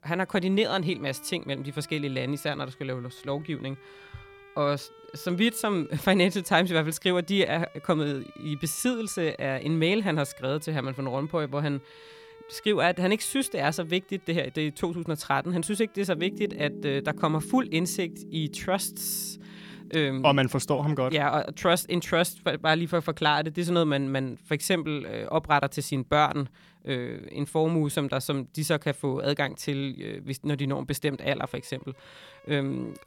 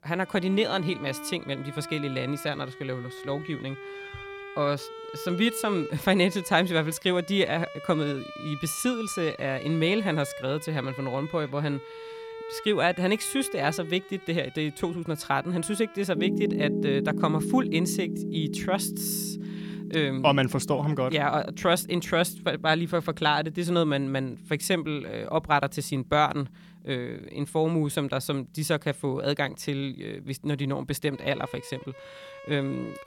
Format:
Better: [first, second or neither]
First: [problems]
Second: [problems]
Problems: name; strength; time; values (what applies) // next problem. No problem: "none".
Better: first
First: background music; faint; throughout; 20 dB below the speech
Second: background music; loud; throughout; 10 dB below the speech